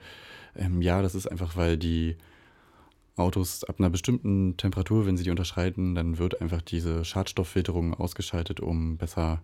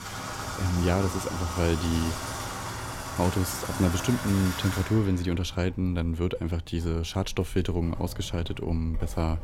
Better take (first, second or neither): first